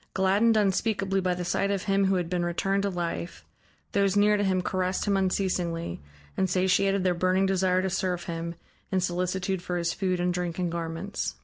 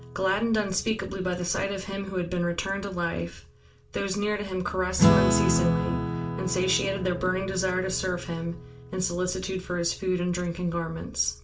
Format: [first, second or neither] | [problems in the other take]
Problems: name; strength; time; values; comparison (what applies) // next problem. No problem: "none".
first | background sound (Acoustic guitar / Strum); 3 dB below the speech // room echo; dies away in 0.3 s